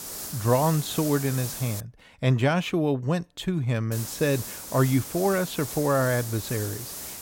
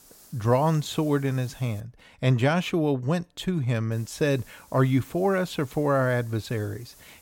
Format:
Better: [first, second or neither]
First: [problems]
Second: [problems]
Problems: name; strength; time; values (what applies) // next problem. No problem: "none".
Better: second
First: hiss; loud; until 2 s and from 4 s on; 8 dB below the speech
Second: hiss; faint; until 2 s and from 4 s on; 25 dB below the speech